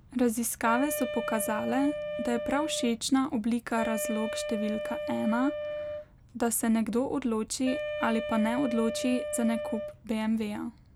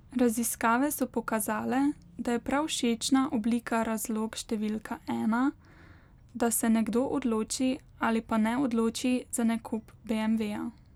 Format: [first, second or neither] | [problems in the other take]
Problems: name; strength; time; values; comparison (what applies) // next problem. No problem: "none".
second | background sound (Wind instrument, woodwind instrument); 6 dB below the speech